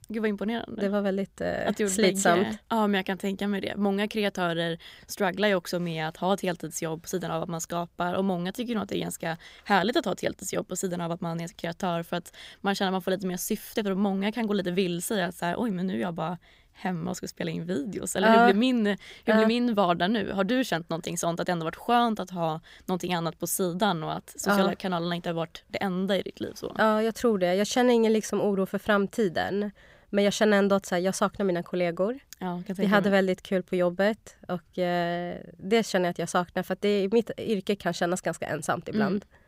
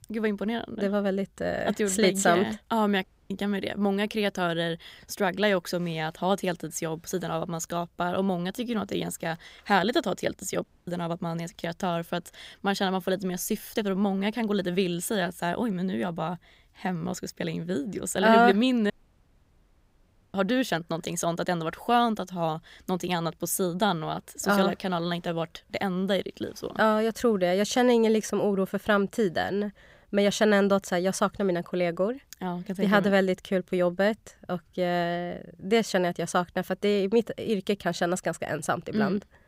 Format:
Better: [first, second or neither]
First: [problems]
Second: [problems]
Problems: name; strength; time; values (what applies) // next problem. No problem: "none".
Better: first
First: none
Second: audio cutting out; at 3 s, at 11 s and at 19 s for 1.5 s